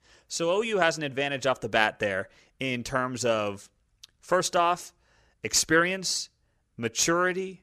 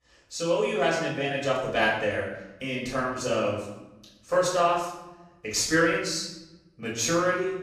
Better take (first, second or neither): first